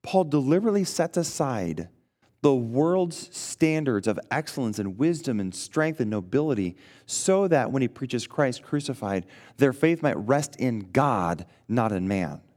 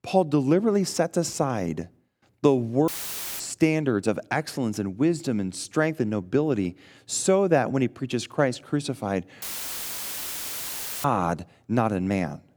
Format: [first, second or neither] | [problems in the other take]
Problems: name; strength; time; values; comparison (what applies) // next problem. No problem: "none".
first | audio cutting out; filled with static; at 3 s for 0.5 s and at 9.5 s for 1.5 s